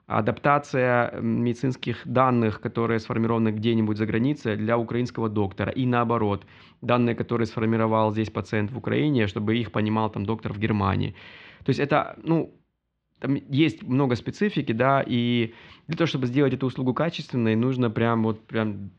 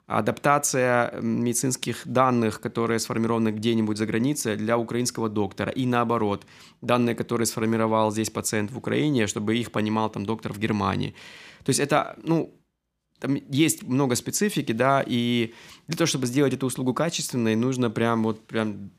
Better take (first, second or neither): second